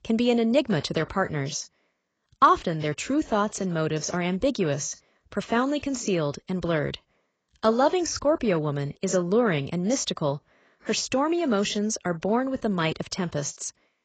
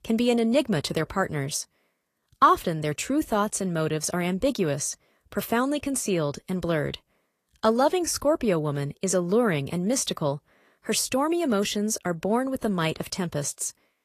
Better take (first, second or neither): second